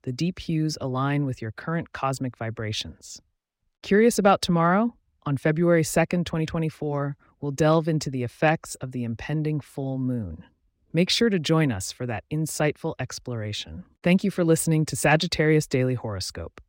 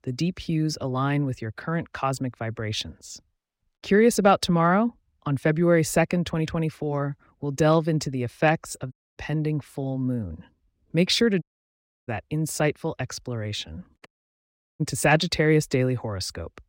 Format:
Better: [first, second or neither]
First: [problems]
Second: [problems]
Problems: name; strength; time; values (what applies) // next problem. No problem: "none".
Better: first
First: none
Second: audio cutting out; at 9 s, at 11 s for 0.5 s and at 14 s for 0.5 s